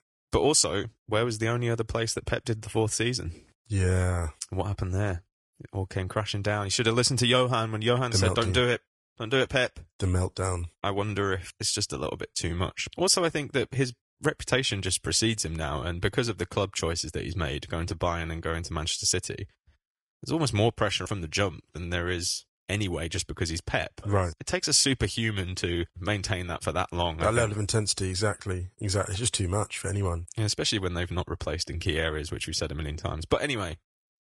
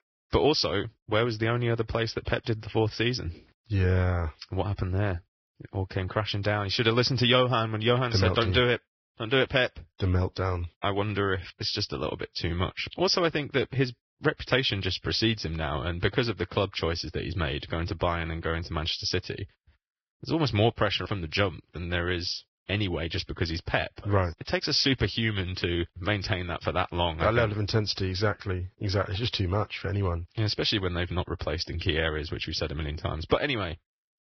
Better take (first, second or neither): first